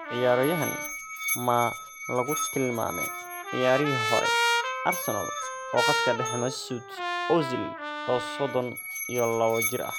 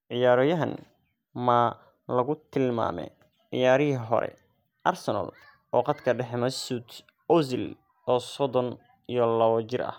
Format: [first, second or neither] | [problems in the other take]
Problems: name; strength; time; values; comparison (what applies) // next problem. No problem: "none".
second | background sound (Trumpet + Musical instrument); 2 dB below the speech